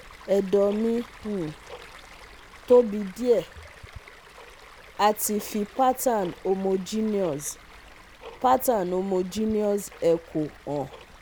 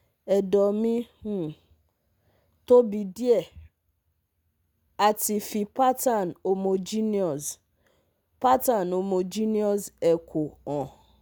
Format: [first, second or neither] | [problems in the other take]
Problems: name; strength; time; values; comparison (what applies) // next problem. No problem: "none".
second | background sound (Tick-tock + Stream); 20 dB below the speech